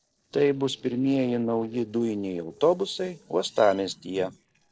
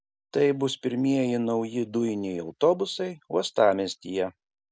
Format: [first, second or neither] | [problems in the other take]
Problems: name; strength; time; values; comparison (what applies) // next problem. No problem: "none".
second | noise reduction (neural separator model SepFormer DNS4)